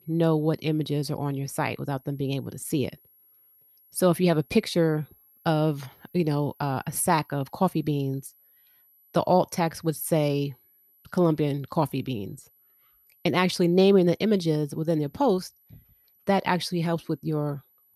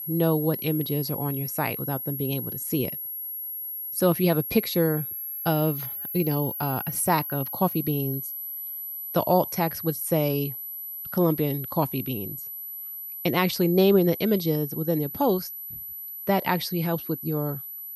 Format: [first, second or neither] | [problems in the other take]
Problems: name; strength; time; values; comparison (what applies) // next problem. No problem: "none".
first | high-pitched whine; loud; throughout; 12 kHz, 6 dB below the speech; faint in the first